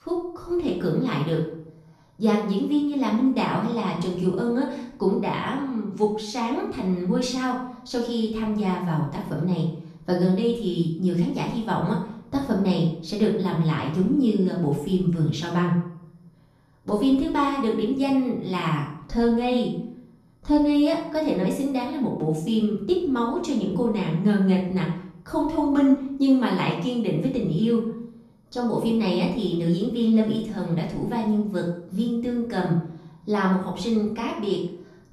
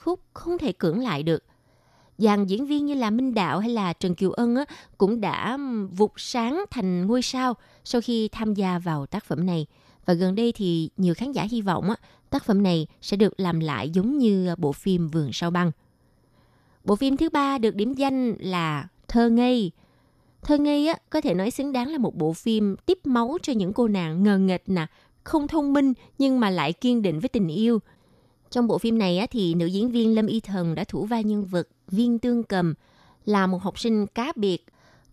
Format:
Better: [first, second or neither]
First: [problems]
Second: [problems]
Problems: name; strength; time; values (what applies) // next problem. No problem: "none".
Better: second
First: room echo; noticeable; dies away in 0.6 s // off-mic speech; far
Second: none